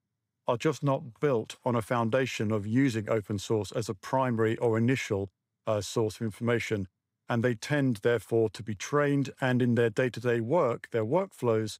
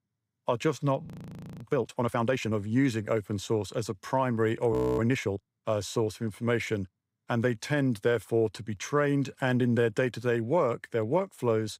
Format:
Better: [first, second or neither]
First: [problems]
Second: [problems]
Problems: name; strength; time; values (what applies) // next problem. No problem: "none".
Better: first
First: none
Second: audio freezing; at 1 s for 0.5 s and at 4.5 s